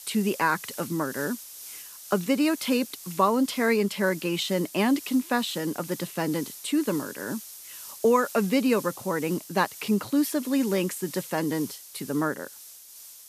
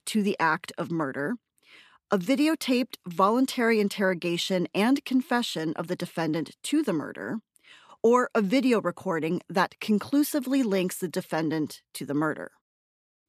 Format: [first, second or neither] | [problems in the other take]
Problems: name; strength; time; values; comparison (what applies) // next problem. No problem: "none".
second | hiss; noticeable; throughout; 15 dB below the speech